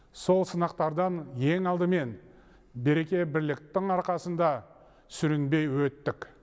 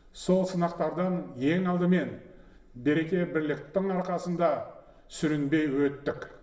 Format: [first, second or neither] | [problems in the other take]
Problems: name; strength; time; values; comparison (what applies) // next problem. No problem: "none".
first | room echo; dies away in 0.8 s